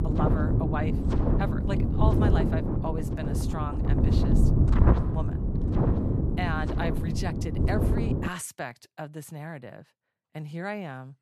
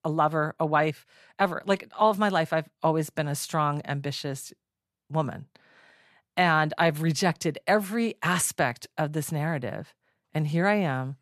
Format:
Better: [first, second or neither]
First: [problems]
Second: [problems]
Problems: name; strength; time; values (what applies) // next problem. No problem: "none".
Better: second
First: wind noise on the microphone; heavy; until 8.5 s; 1 dB above the speech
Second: none